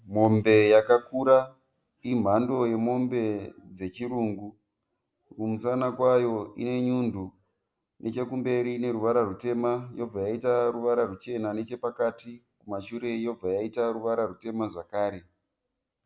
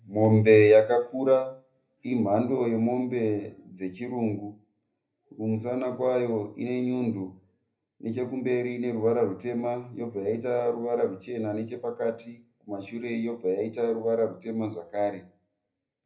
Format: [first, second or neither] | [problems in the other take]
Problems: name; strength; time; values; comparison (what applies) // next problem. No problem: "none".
first | room echo; dies away in 0.3 s